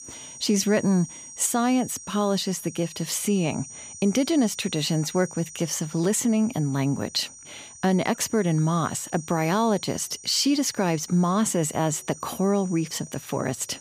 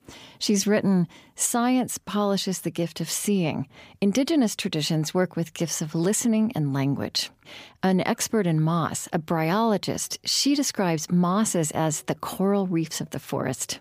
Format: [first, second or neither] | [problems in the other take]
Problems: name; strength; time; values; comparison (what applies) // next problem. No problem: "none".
second | high-pitched whine; noticeable; throughout; 6 kHz, 15 dB below the speech